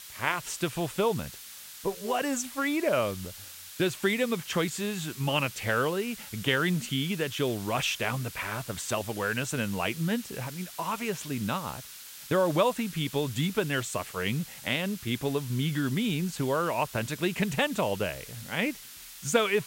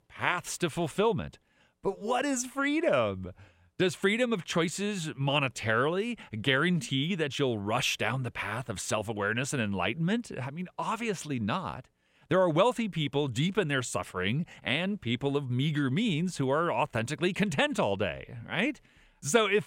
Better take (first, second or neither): second